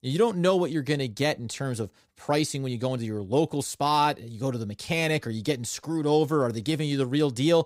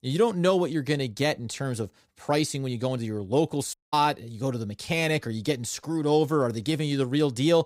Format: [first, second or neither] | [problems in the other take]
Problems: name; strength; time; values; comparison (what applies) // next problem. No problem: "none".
first | audio cutting out; at 3.5 s